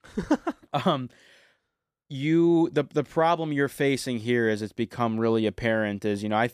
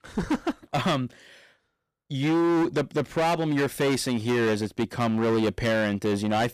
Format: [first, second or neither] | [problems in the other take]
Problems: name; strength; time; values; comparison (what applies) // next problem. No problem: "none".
first | distortion; heavy; 19% of the sound clipped